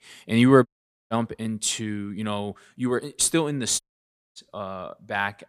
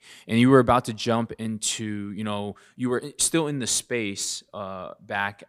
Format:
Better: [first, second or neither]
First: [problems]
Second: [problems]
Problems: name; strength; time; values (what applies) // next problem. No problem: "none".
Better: second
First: audio cutting out; at 0.5 s and at 4 s for 0.5 s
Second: none